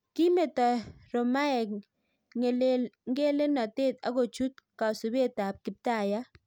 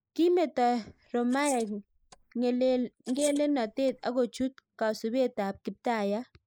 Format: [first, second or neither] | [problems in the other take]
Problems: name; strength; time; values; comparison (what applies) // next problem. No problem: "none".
first | noise reduction (neural mask model Resemble Enhance denoiser)